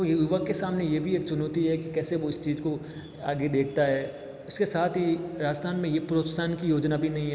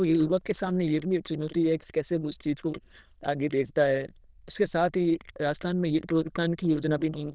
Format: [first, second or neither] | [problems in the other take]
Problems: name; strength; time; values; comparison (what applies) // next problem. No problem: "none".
first | noise reduction (neural diffusion model UNIVERSE++)